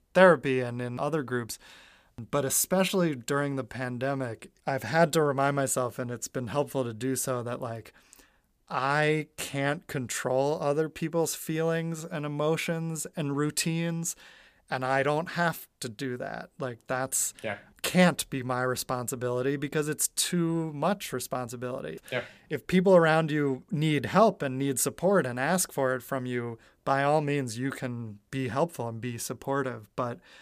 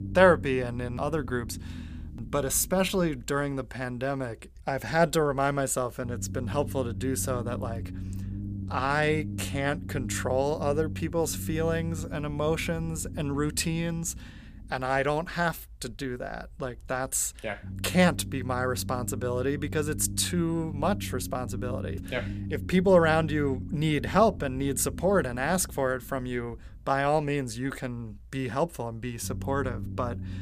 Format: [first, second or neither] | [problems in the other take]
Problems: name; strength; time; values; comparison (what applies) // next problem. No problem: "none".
first | low rumble; noticeable; throughout; 20 dB below the speech